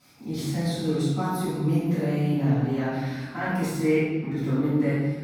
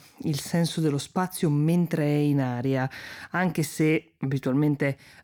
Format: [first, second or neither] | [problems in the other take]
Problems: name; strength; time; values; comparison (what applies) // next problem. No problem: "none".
second | room echo; strong; dies away in 1.4 s // off-mic speech; far